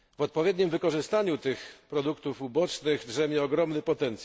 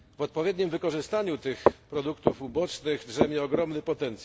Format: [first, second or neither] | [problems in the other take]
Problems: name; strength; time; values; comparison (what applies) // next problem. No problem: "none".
first | background sound (Walk, footsteps); 2 dB below the speech